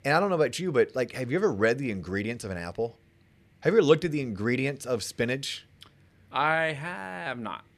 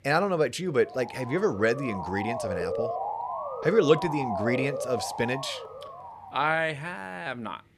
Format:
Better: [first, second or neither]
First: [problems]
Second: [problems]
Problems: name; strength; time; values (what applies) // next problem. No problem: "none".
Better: first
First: none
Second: siren; noticeable; from 1 to 6.5 s; peak 3 dB below the speech